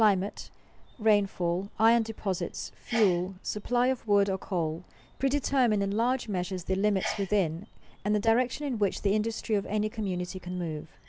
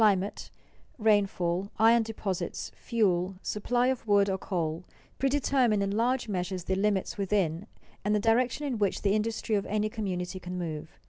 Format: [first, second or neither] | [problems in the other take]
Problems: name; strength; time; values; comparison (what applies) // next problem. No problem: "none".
second | background sound (Sneeze); 19 dB below the speech